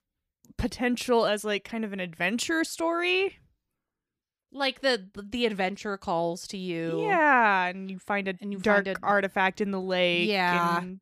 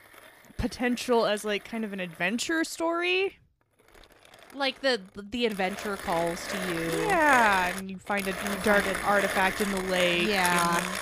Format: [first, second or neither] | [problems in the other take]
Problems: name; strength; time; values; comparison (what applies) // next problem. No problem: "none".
first | machinery noise; loud; throughout; 5 dB below the speech